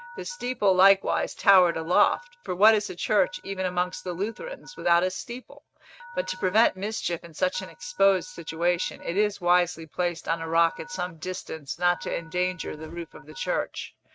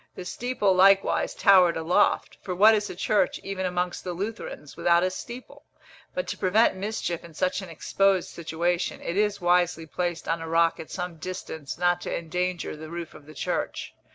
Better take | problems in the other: second | noise reduction (neural mask model RNNoise)

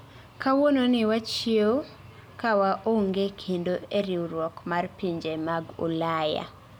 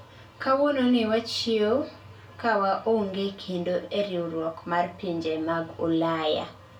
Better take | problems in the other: first | room echo; dies away in 0.3 s

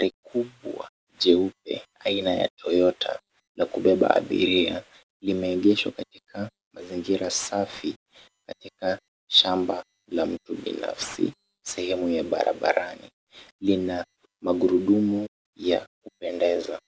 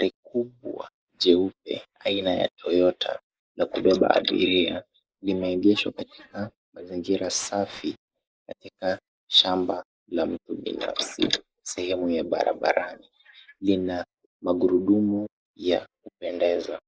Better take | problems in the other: first | noise reduction (neural mask model Resemble Enhance denoiser)

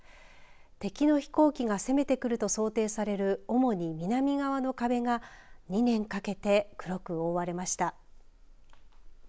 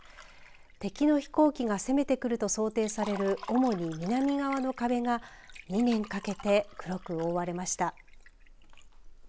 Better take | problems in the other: first | background sound (Liquid); 20 dB below the speech

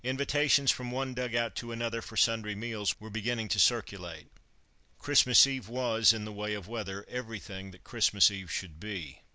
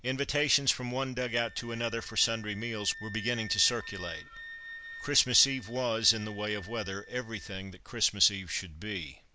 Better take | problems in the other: first | background sound (Wind instrument, woodwind instrument); 16 dB below the speech

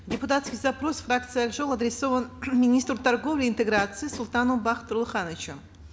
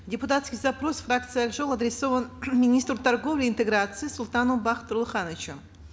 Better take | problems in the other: second | background sound (Train); 18 dB below the speech

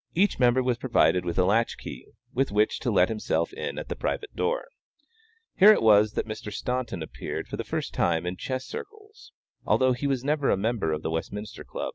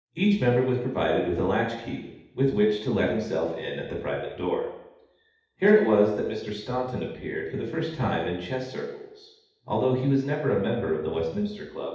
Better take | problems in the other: first | room echo; dies away in 0.8 s

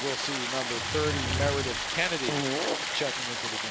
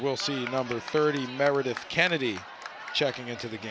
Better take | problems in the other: second | background sound (Stream + Fart / Drawer open or close); 2 dB above the speech

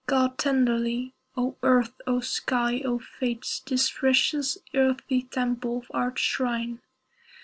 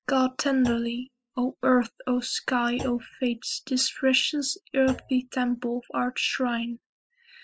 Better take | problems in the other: first | noise reduction (classical method spectral subtraction)

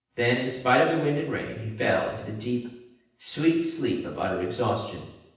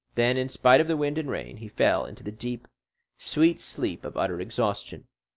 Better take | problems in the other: second | room echo; dies away in 0.9 s

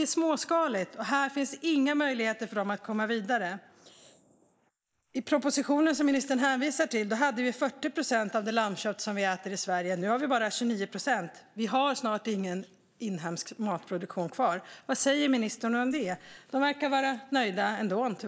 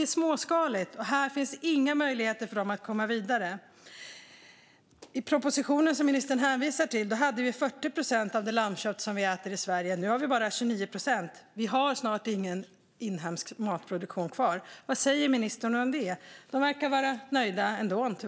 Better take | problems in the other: second | noise reduction (neural mask model Resemble Enhance denoiser)

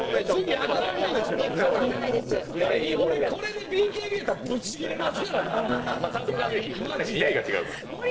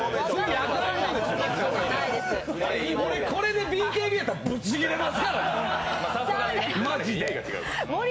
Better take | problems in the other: second | noise reduction (neural separator model SepFormer DNS4)

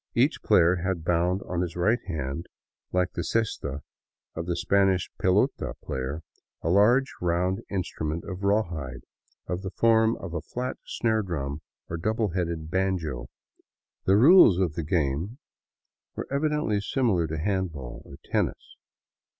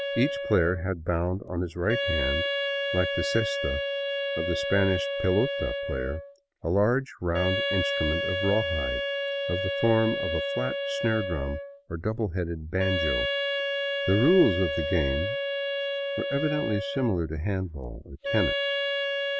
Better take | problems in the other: first | background sound (Wind instrument, woodwind instrument); 2 dB below the speech

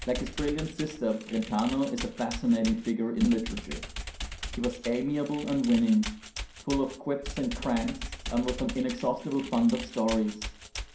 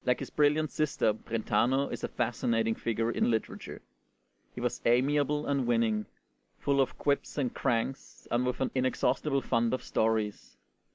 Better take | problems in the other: second | background sound (Computer keyboard); 10 dB below the speech // room echo; dies away in 0.5 s

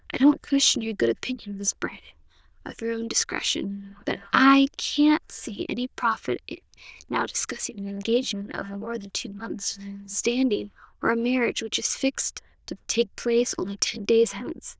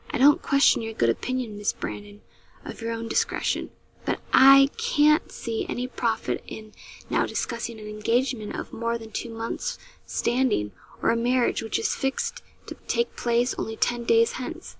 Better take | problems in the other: second | noise reduction (neural diffusion model UNIVERSE++)

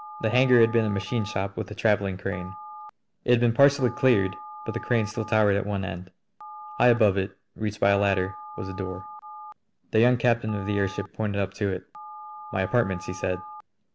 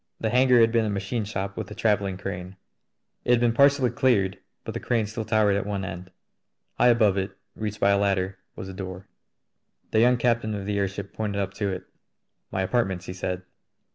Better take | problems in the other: second | background sound (Telephone); 16 dB below the speech

